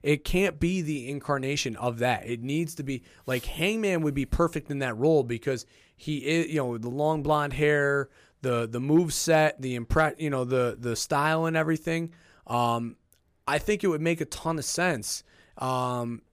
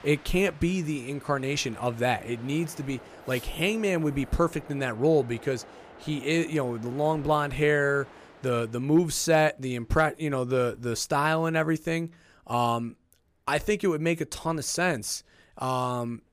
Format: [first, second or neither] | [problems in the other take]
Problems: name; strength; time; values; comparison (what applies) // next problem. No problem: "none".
first | train or aircraft noise; faint; throughout; 20 dB below the speech